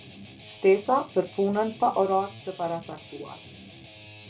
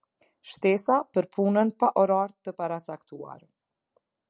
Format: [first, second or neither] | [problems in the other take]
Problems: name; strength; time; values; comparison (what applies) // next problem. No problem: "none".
second | background sound (Guitar); 19 dB below the speech // room echo; dies away in 0.2 s